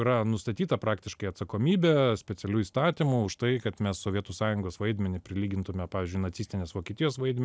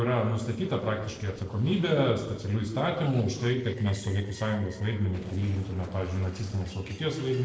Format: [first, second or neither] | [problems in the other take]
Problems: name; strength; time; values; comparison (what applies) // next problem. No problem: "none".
first | noise reduction (neural separator model SepFormer DNS4)